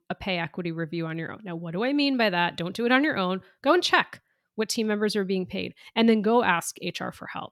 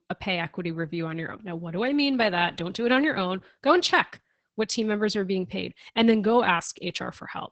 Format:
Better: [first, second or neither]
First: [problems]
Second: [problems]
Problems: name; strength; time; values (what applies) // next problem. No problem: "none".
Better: first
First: none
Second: garbled, watery; badly; nothing above 8 kHz